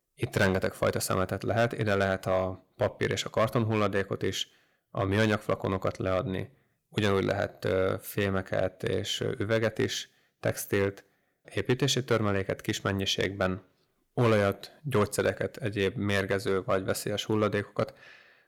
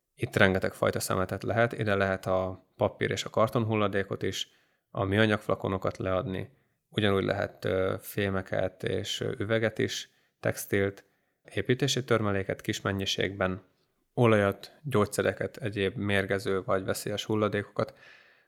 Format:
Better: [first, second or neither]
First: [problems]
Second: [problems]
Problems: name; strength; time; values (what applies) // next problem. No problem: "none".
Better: second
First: distortion; slight; 2% of the sound clipped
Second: none